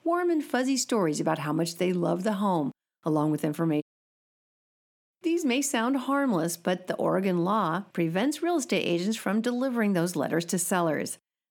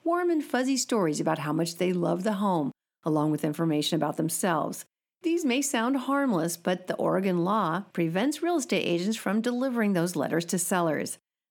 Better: second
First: audio cutting out; at 4 s for 1.5 s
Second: none

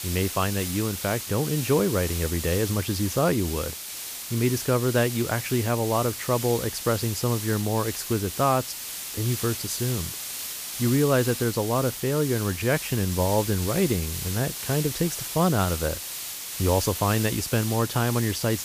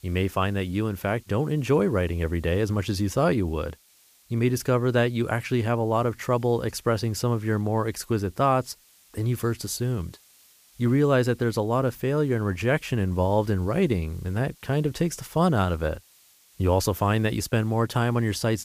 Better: second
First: hiss; loud; throughout; 6 dB below the speech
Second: hiss; faint; throughout; 30 dB below the speech

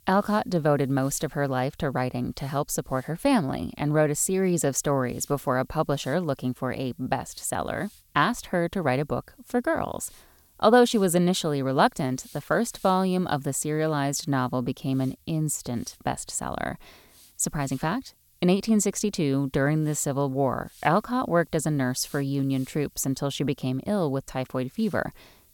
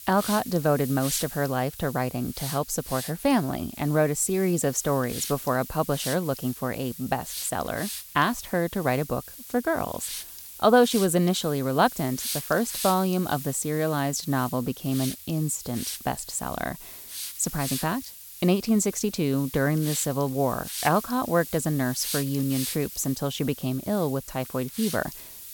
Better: first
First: hiss; faint; throughout; 30 dB below the speech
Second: hiss; loud; throughout; 9 dB below the speech

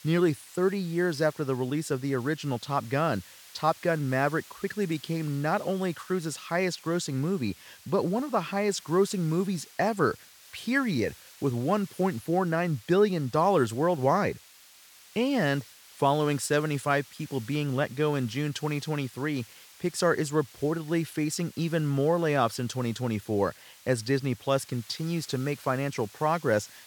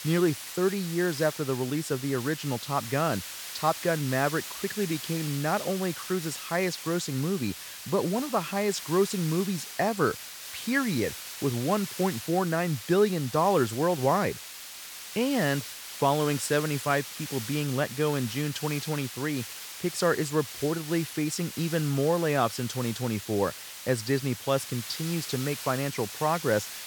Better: first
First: hiss; faint; throughout; 20 dB below the speech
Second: hiss; loud; throughout; 9 dB below the speech

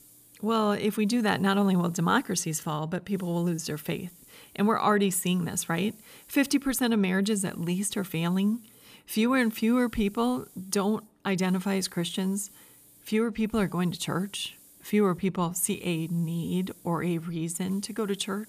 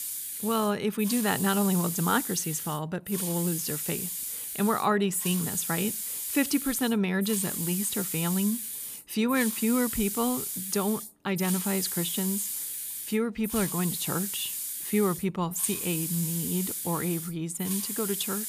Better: first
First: hiss; faint; throughout; 25 dB below the speech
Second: hiss; loud; throughout; 3 dB below the speech

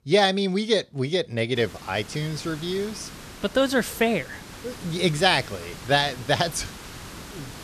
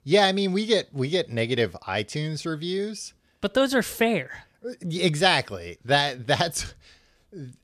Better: second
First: hiss; noticeable; from 1.5 s on; 15 dB below the speech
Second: none

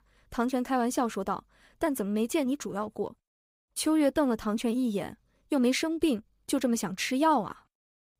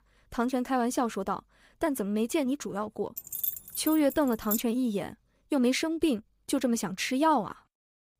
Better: first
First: none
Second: jangling keys; noticeable; from 3 to 4.5 s; peak 2 dB below the speech

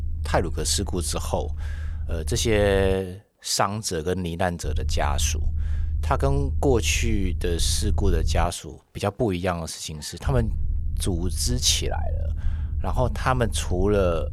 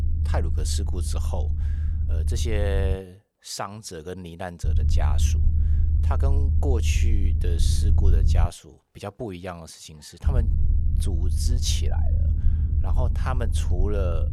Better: first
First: low rumble; faint; until 3 s, from 4.5 to 8.5 s and from 10 s on; 20 dB below the speech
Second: low rumble; loud; until 3 s, from 4.5 to 8.5 s and from 10 s on; 7 dB below the speech

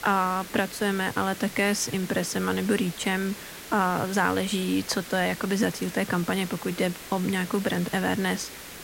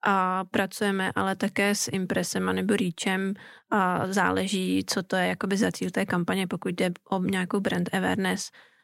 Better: second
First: hiss; noticeable; throughout; 10 dB below the speech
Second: none

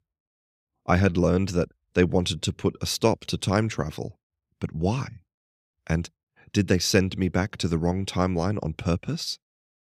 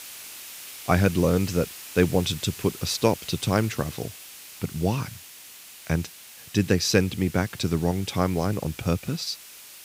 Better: first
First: none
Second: hiss; noticeable; throughout; 15 dB below the speech

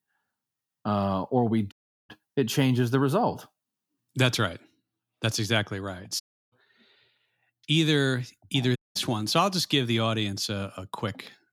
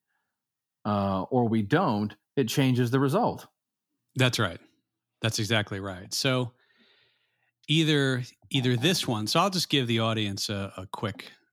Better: second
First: audio cutting out; at 1.5 s, at 6 s and at 9 s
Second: none

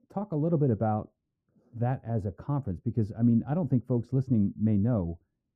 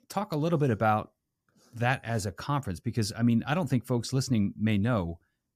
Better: second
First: muffled; very; fading above 1.5 kHz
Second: none

